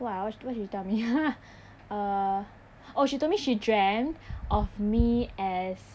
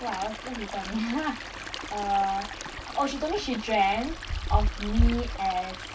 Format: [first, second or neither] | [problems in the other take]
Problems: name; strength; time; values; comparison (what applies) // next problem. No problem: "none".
first | background sound (Stream); 11 dB below the speech // room echo; dies away in 0.1 s